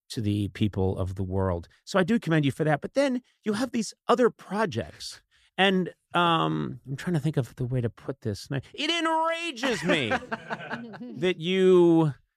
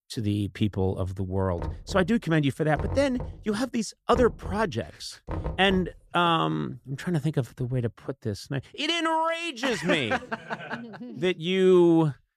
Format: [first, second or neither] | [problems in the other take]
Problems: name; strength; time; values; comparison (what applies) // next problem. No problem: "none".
first | door banging; noticeable; from 1.5 to 6 s; peak 8 dB below the speech